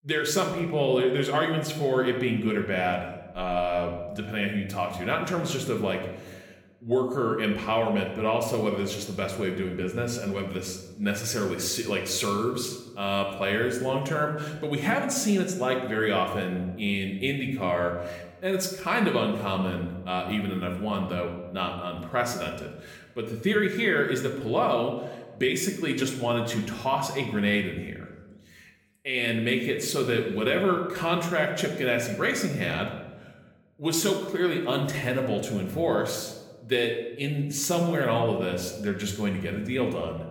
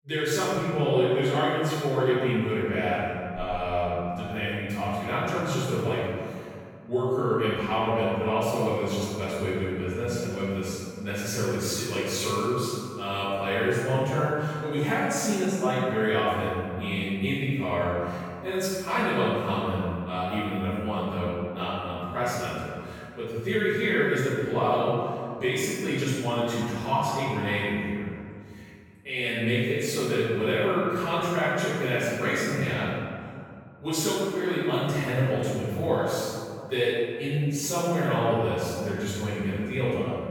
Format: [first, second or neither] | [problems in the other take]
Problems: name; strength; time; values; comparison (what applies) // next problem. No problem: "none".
first | room echo; strong; dies away in 2.2 s; slight in the first // off-mic speech; far